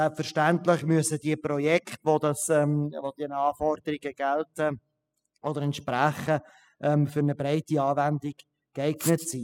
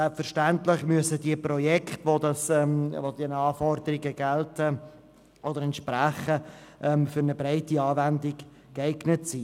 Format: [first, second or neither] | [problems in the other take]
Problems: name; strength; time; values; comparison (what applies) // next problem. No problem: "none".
second | noise reduction (classical method spectral subtraction)